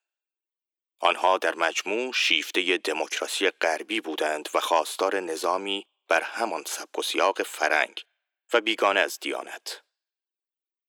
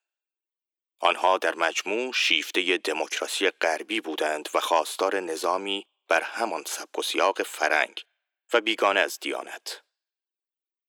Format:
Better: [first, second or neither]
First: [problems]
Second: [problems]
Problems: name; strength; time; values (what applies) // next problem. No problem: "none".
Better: neither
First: thin; very; fading below 350 Hz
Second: thin; very; fading below 350 Hz